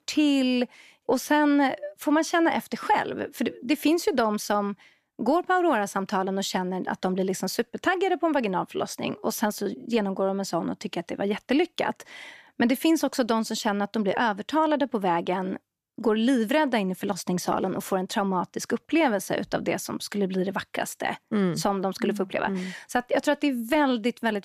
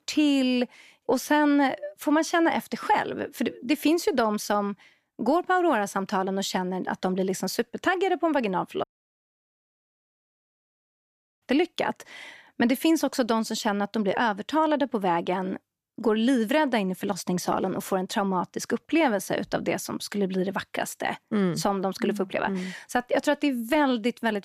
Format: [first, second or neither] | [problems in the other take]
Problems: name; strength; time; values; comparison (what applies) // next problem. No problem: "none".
first | audio cutting out; at 9 s for 2.5 s